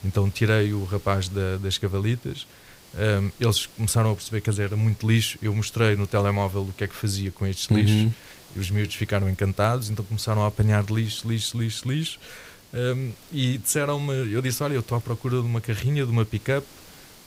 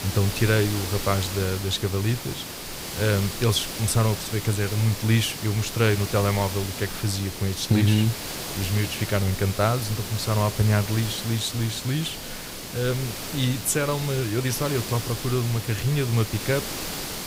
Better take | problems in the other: first | hiss; loud; throughout; 7 dB below the speech; faint in the first

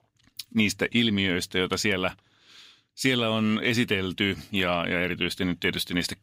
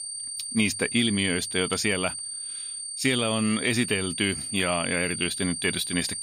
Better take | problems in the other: first | high-pitched whine; loud; throughout; 9 kHz, 5 dB below the speech

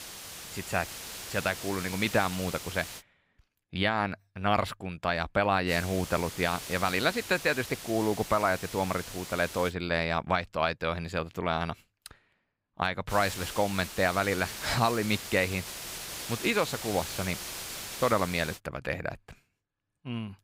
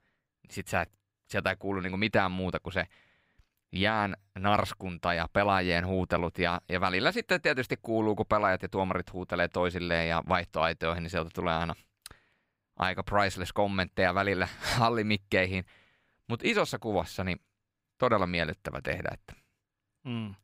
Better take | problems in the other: second | hiss; loud; until 3 s, from 5.5 to 9.5 s and from 13 to 19 s; 9 dB below the speech

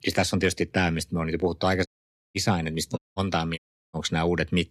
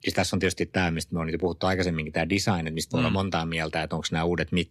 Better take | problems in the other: second | audio cutting out; at 2 s, at 3 s and at 3.5 s

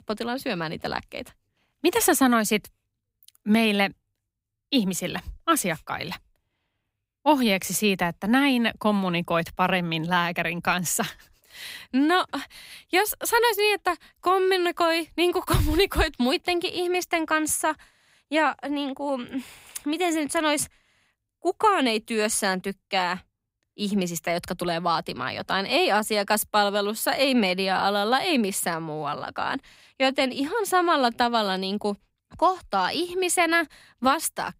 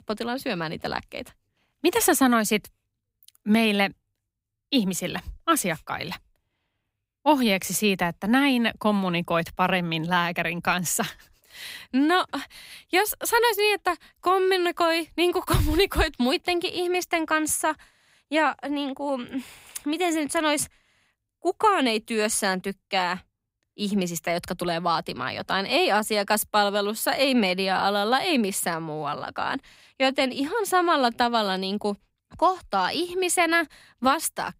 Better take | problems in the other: neither | none

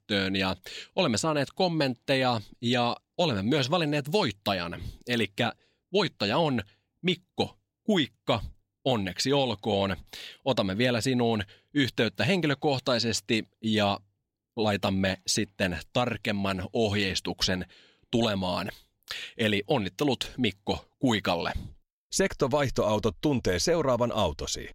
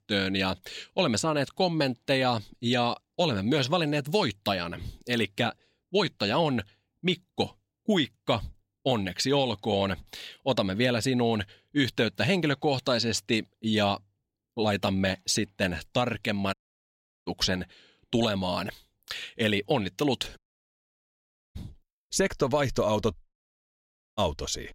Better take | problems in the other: first | audio cutting out; at 17 s for 0.5 s, at 20 s for 1 s and at 23 s for 1 s

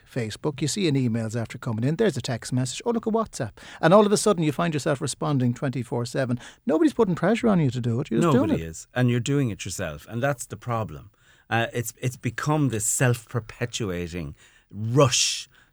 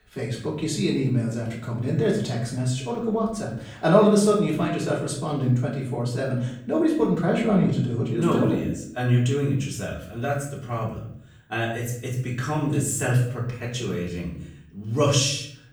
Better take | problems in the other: first | off-mic speech; far // room echo; noticeable; dies away in 0.6 s

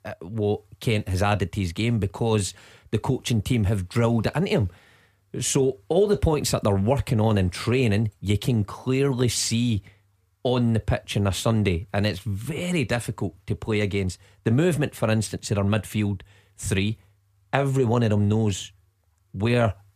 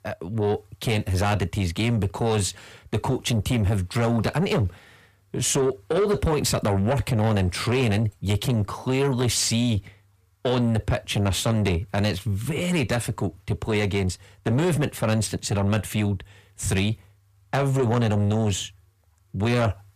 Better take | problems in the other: first | distortion; slight; 10 dB below the speech

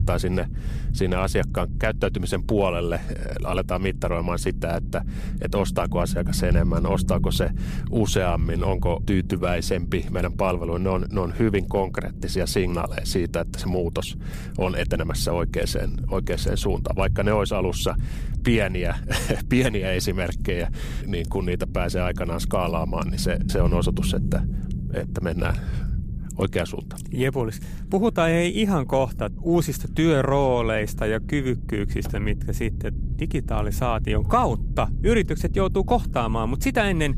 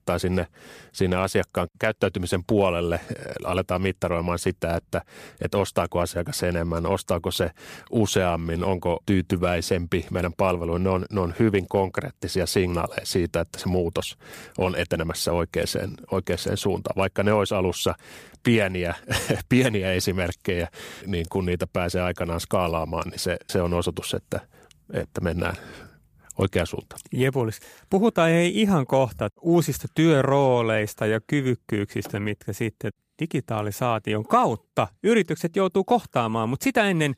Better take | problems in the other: second | low rumble; noticeable; throughout; 15 dB below the speech

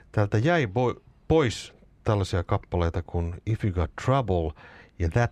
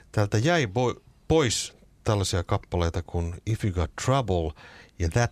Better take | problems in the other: second | muffled; slightly; fading above 3.5 kHz

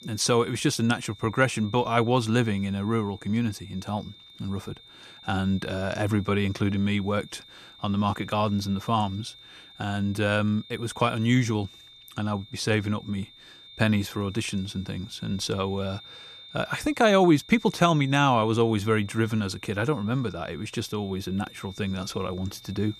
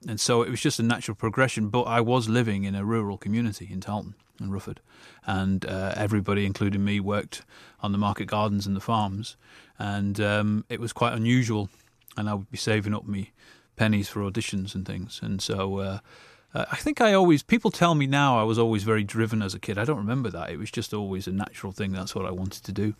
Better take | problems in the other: second | high-pitched whine; noticeable; throughout; 3.5 kHz, 20 dB below the speech

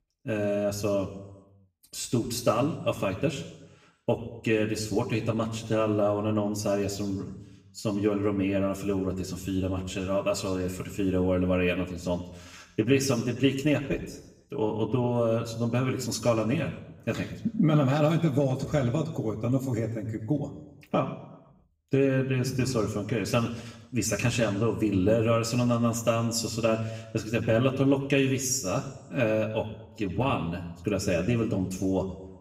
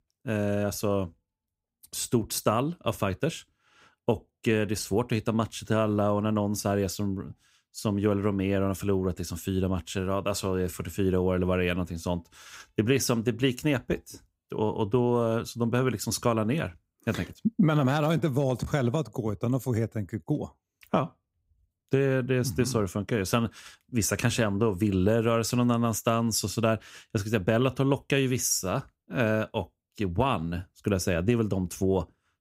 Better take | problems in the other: second | room echo; slight; dies away in 0.9 s // off-mic speech; somewhat distant

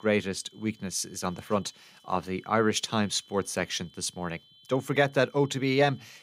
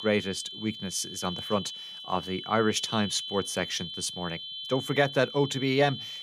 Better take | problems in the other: first | high-pitched whine; loud; throughout; 3 kHz, 8 dB below the speech; faint in the first

